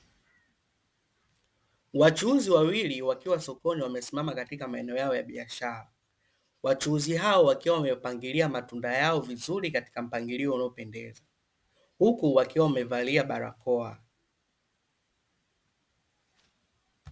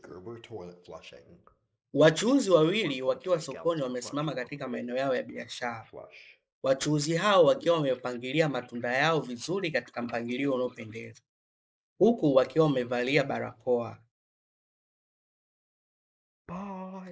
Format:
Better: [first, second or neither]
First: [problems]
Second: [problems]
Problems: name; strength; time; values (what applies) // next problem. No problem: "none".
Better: first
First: none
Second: noise reduction (neural mask model Resemble Enhance denoiser)